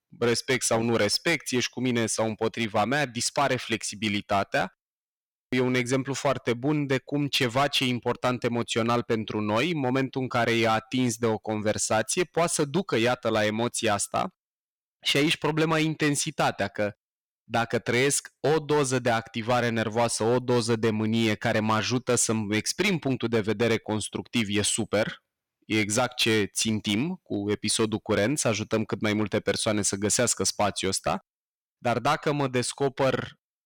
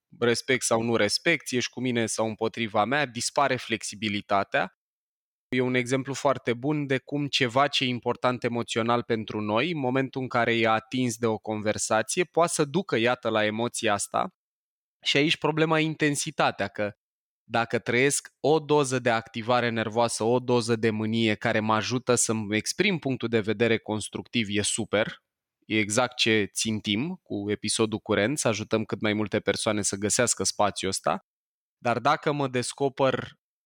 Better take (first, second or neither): second